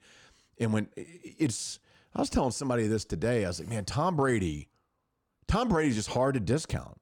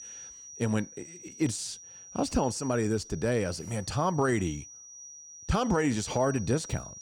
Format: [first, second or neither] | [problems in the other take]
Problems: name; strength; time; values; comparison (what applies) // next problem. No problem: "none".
first | high-pitched whine; noticeable; throughout; 6 kHz, 15 dB below the speech